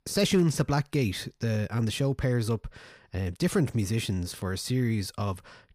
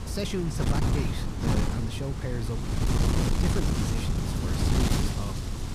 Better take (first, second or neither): first